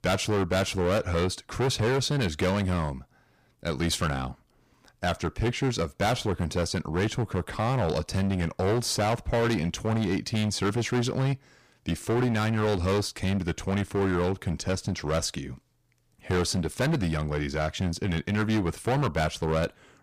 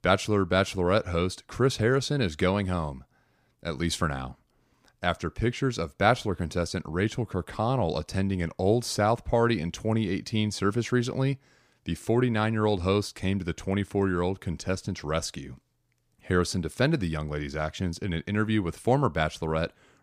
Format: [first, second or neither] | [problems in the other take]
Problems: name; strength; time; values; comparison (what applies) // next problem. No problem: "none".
second | distortion; heavy; 15% of the sound clipped